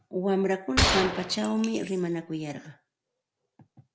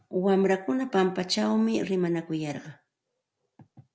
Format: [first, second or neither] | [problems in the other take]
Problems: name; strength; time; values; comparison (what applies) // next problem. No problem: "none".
second | background sound (Gunshot, gunfire); 1 dB above the speech